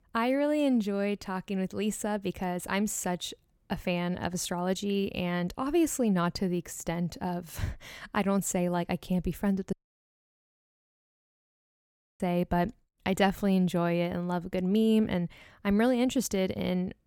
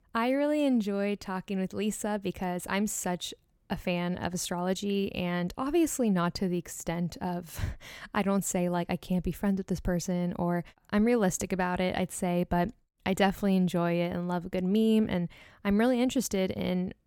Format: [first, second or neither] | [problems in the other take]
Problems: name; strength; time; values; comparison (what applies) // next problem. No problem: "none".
second | audio cutting out; at 9.5 s for 2.5 s